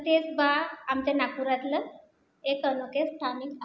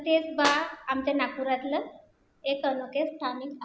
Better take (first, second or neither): first